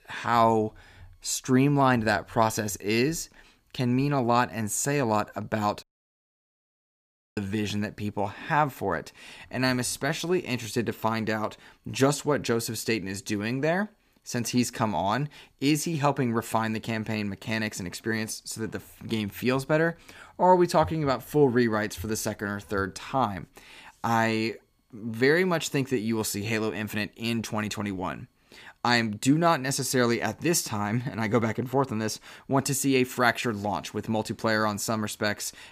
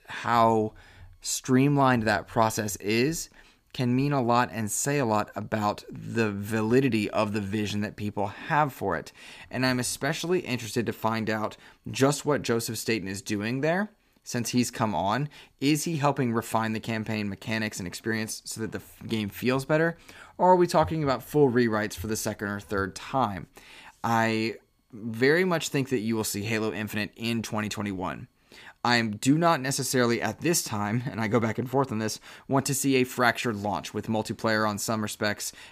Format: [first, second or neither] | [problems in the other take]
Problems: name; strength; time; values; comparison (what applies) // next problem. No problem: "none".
second | audio cutting out; at 6 s for 1.5 s